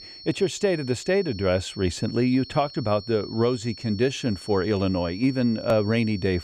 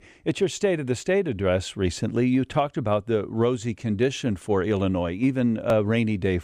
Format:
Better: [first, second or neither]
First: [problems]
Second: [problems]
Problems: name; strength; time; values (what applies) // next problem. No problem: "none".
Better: second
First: high-pitched whine; noticeable; throughout; 4.5 kHz, 15 dB below the speech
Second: none